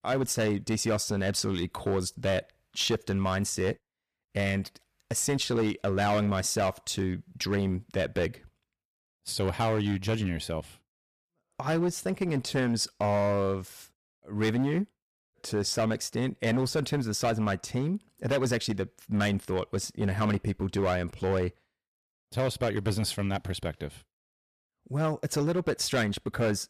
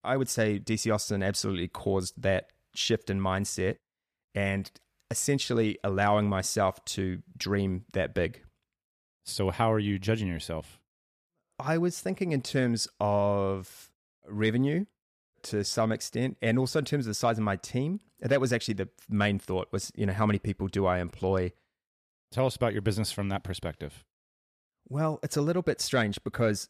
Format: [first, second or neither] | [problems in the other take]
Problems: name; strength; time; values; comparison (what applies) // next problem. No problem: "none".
second | distortion; slight; 8% of the sound clipped